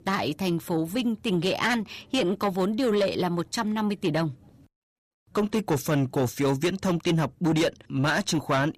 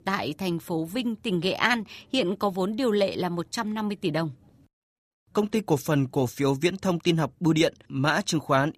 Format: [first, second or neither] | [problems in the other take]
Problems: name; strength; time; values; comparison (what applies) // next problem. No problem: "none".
second | distortion; slight; 10 dB below the speech